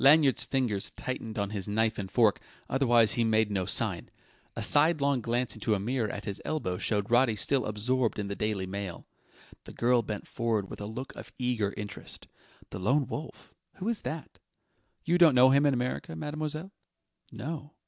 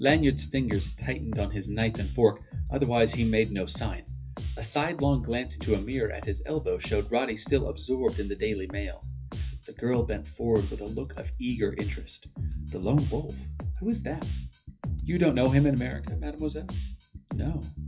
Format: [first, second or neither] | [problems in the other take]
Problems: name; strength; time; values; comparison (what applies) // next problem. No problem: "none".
first | noise reduction (classical method WPE with log-MMSE)